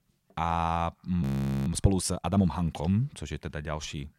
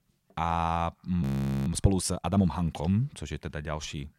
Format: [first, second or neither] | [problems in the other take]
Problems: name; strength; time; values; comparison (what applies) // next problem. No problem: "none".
neither | audio freezing; at 1 s; the same in both